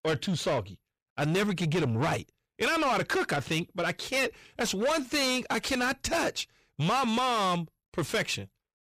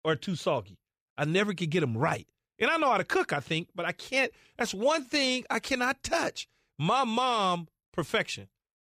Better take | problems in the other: second | distortion; heavy; 7 dB below the speech

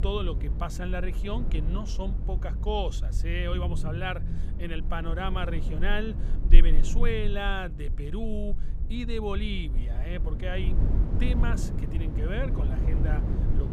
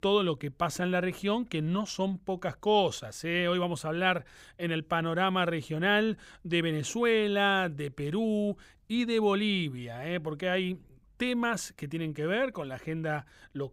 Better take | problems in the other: second | low rumble; loud; throughout; 9 dB below the speech

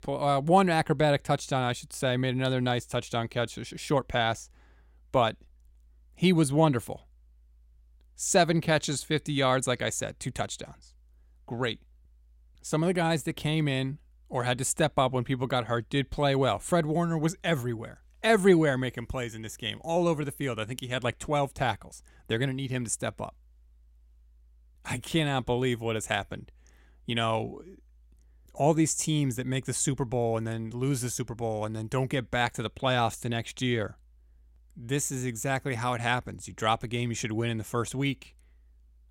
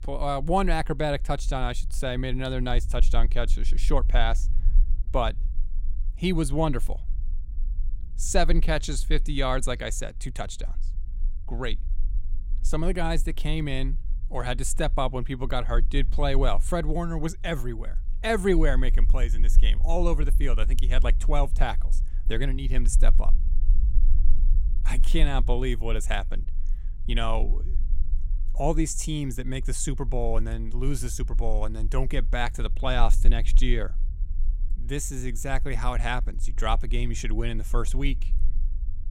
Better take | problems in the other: first | low rumble; faint; throughout; 25 dB below the speech

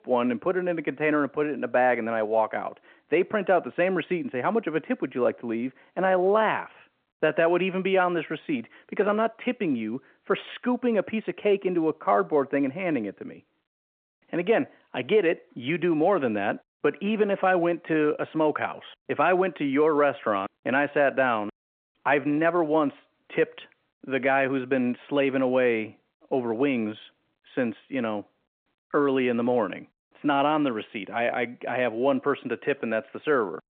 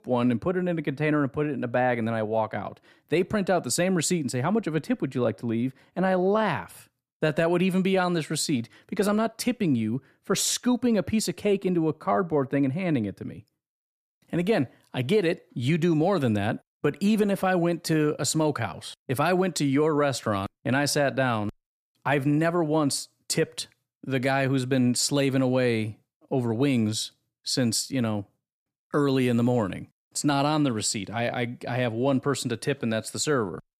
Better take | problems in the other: second | phone-call audio

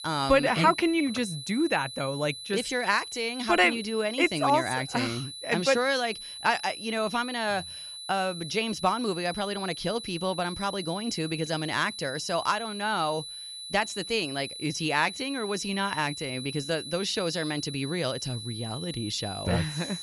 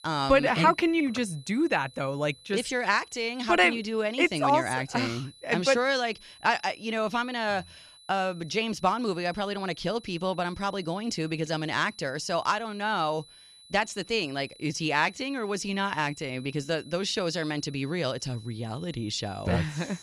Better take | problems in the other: second | high-pitched whine; loud; throughout; 4 kHz, 9 dB below the speech; faint in the second

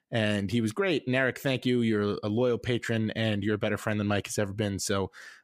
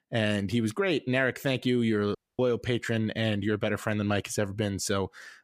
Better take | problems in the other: first | audio cutting out; at 2 s

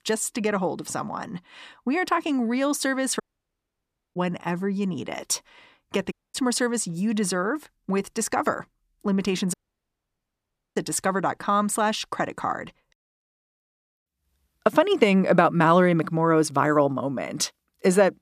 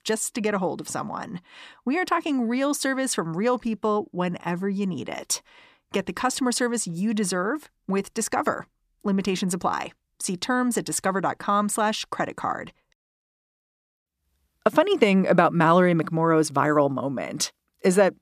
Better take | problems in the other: second | audio cutting out; at 3 s for 1 s, at 6 s and at 9.5 s for 1 s

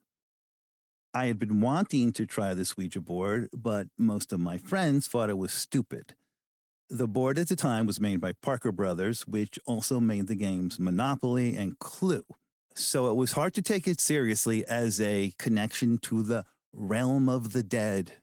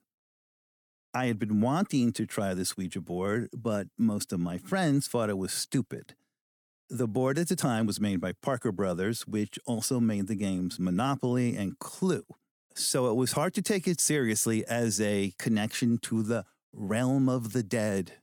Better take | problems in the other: second | garbled, watery; slightly; nothing above 18 kHz

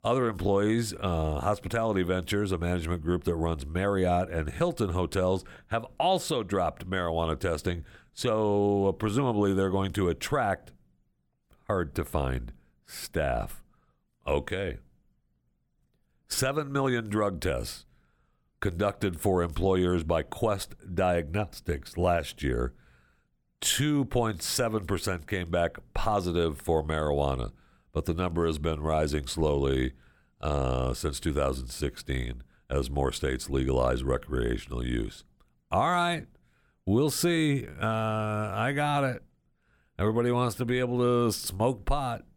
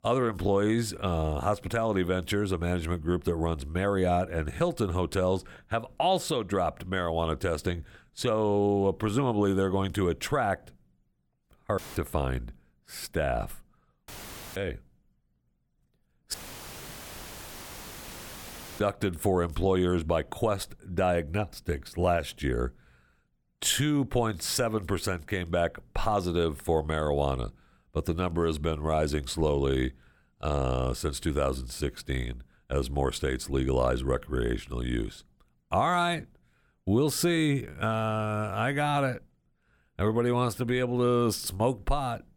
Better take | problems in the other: first | audio cutting out; filled with static; at 12 s, at 14 s and at 16 s for 2.5 s

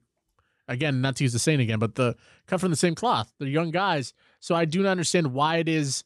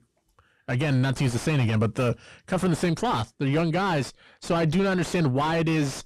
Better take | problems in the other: first | distortion; heavy; 5 dB below the speech

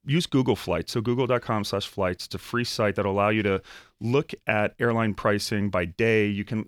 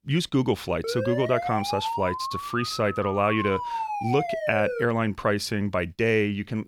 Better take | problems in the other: first | siren; noticeable; from 1 to 5 s; peak 3 dB below the speech

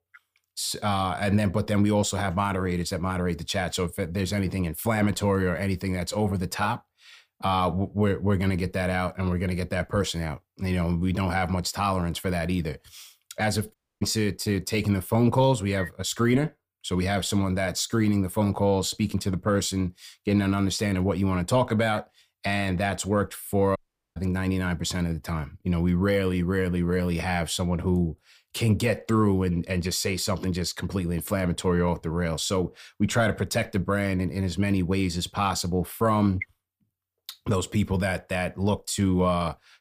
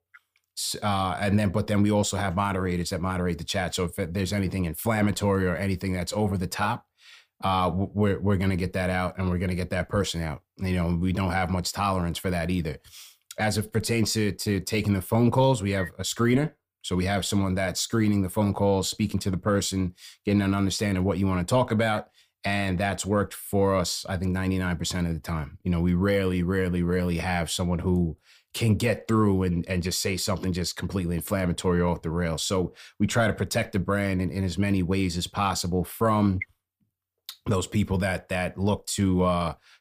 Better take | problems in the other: second | audio cutting out; at 14 s and at 24 s

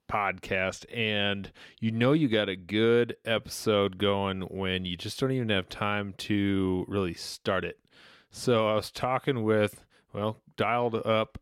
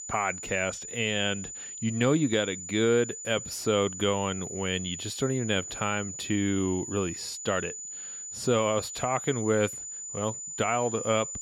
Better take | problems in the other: first | high-pitched whine; loud; throughout; 7 kHz, 8 dB below the speech

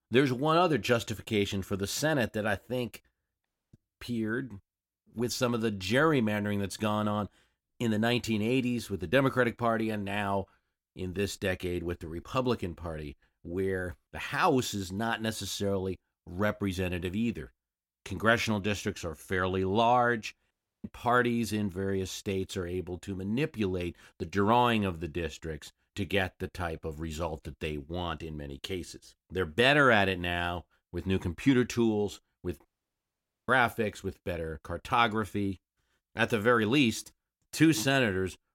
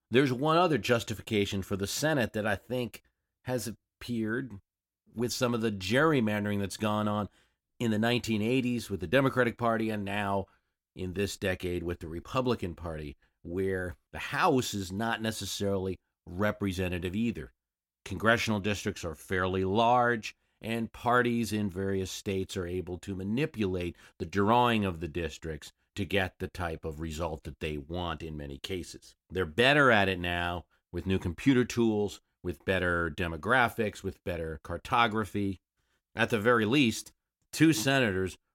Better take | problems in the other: second | audio cutting out; at 3.5 s, at 21 s and at 33 s for 1 s

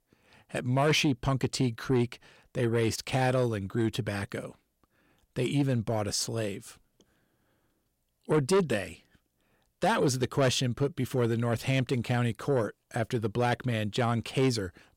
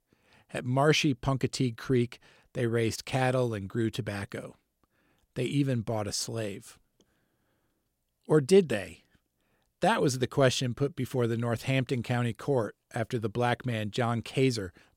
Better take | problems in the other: second | distortion; slight; 10 dB below the speech

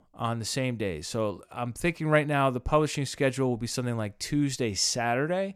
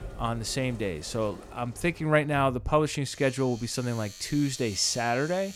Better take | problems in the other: first | household noises; noticeable; throughout; 15 dB below the speech

